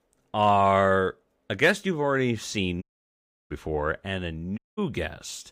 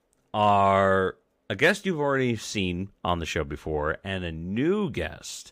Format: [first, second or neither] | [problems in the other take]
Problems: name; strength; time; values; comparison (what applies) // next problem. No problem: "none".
second | audio cutting out; at 3 s for 0.5 s and at 4.5 s